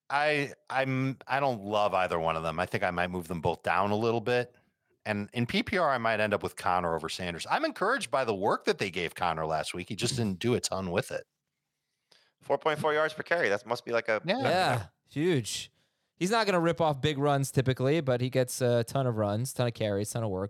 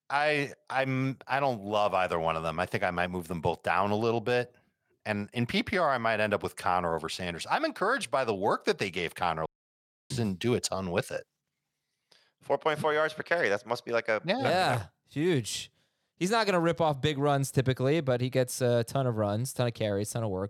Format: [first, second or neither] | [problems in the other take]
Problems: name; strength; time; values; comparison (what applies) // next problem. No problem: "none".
first | audio cutting out; at 9.5 s for 0.5 s